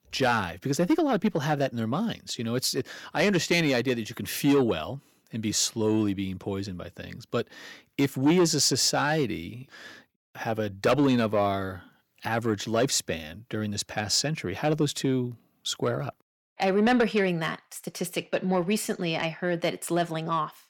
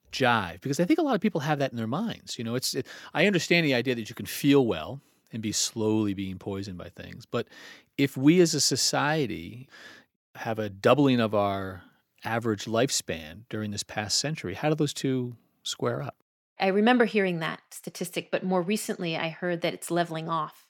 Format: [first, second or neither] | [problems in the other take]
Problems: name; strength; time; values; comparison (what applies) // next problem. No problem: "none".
second | distortion; slight; 10 dB below the speech